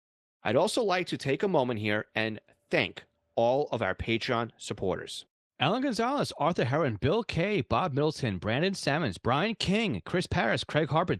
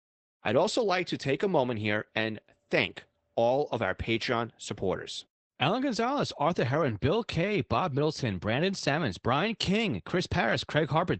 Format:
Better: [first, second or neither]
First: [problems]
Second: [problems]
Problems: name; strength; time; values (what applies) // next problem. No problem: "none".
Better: first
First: garbled, watery; slightly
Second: garbled, watery; badly; nothing above 8 kHz